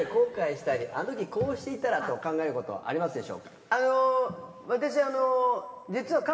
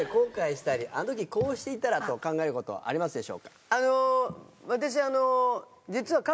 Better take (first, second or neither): second